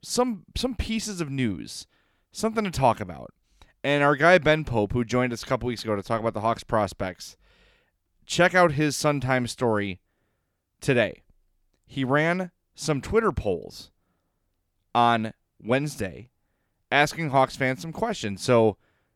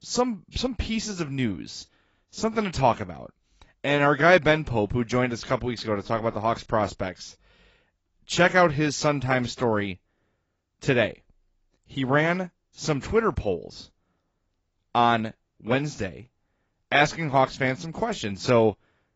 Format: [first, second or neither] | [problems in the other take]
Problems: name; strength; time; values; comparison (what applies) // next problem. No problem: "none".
first | garbled, watery; badly; nothing above 7.5 kHz